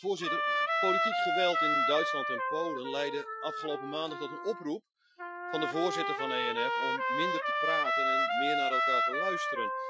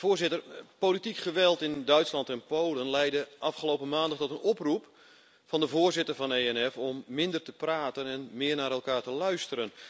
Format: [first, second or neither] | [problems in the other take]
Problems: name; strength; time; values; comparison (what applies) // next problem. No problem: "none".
second | noise reduction (classical method Wiener filter)